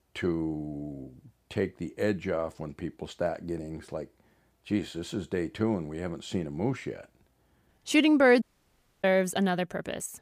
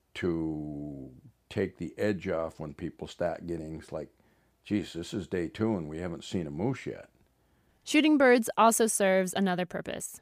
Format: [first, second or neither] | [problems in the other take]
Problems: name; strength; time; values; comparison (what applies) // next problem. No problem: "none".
second | audio cutting out; at 8.5 s for 0.5 s